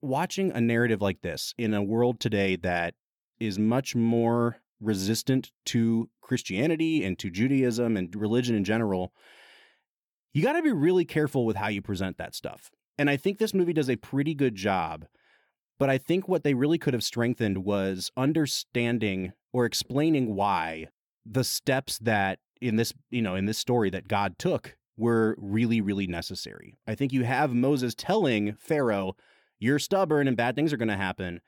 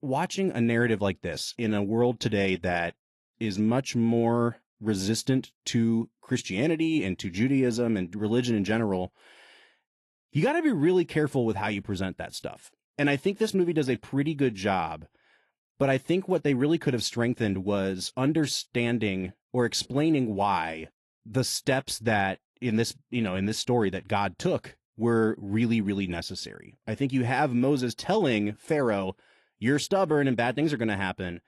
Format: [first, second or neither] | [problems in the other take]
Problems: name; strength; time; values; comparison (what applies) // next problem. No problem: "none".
first | garbled, watery; slightly; nothing above 11.5 kHz